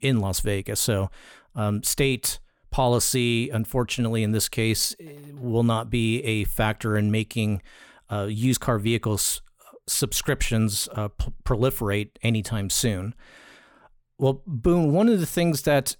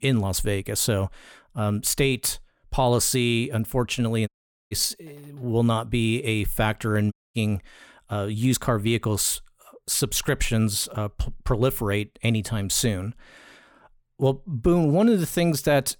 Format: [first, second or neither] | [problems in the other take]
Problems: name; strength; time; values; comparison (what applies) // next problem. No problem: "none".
first | audio cutting out; at 4.5 s and at 7 s